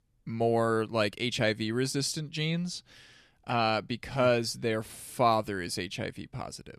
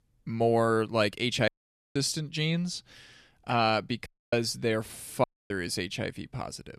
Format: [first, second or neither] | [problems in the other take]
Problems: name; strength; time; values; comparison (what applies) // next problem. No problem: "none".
first | audio cutting out; at 1.5 s, at 4 s and at 5 s